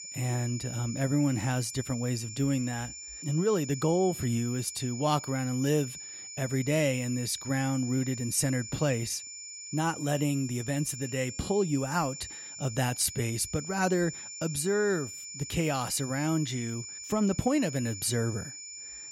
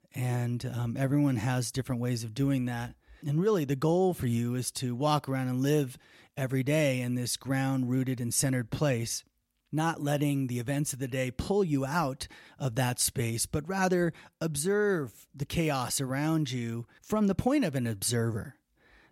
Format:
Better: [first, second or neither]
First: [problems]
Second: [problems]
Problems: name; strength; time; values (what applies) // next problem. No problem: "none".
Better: second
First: high-pitched whine; loud; throughout; 7 kHz, 9 dB below the speech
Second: none